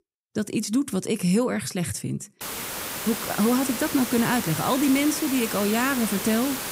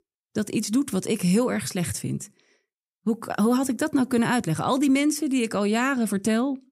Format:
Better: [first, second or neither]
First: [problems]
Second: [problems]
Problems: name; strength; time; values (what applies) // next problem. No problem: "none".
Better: second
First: hiss; loud; from 2.5 s on; 5 dB below the speech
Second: none